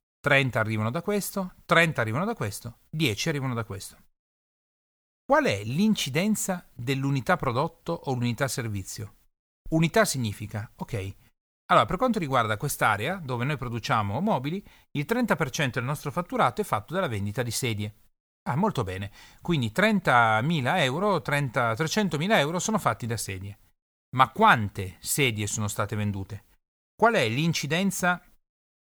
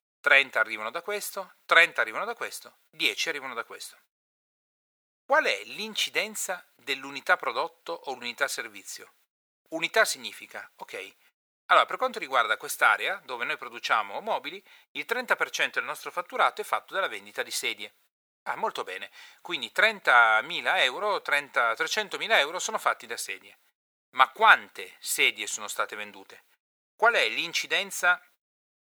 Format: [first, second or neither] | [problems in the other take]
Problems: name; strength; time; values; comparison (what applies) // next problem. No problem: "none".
first | thin; very; fading below 450 Hz